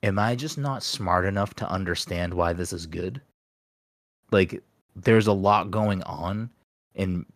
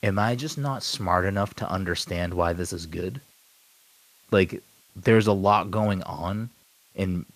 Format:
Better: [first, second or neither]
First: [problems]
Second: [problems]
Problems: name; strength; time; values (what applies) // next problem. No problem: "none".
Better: first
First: none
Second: hiss; faint; throughout; 30 dB below the speech